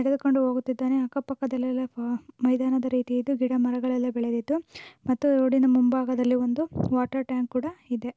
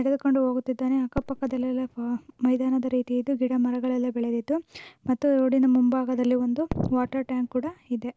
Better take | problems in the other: first | background sound (Fireworks); 19 dB below the speech

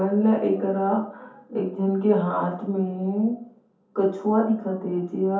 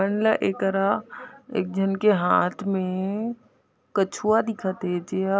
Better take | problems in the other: second | room echo; dies away in 0.5 s

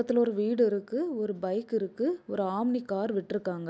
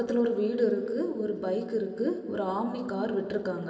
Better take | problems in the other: first | room echo; dies away in 2.9 s

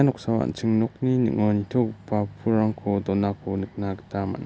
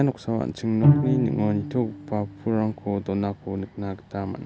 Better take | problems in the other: first | background sound (Bowed string instrument); as loud as the speech

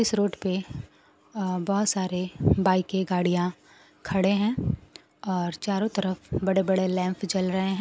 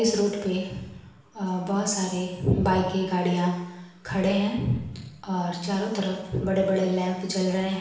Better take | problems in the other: first | room echo; dies away in 0.9 s

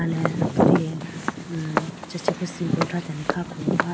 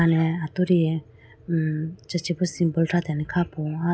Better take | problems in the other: second | background sound (Walk, footsteps); 4 dB above the speech

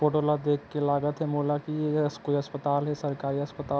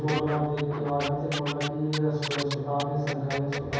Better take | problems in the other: first | background sound (Scratching (performance technique)); 9 dB below the speech // room echo; dies away in 1.3 s

